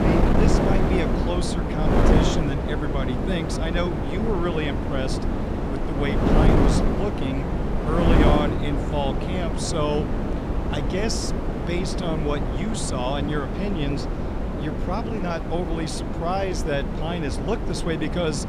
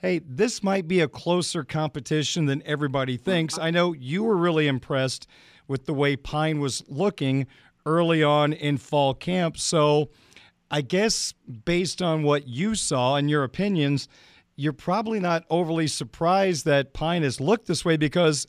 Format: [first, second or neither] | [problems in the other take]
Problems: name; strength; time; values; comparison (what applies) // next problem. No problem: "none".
second | wind noise on the microphone; heavy; as loud as the speech